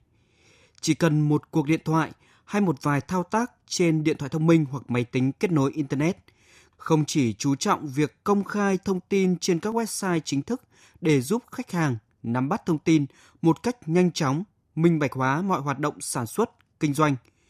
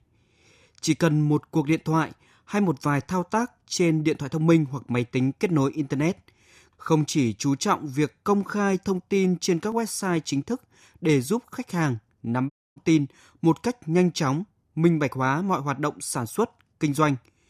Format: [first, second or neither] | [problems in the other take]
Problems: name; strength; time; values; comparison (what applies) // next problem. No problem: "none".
first | audio cutting out; at 13 s